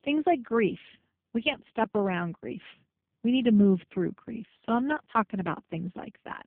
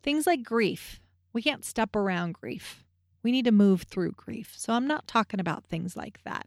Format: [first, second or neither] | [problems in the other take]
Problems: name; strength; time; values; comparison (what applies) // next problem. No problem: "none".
second | phone-call audio; poor line; nothing above 3 kHz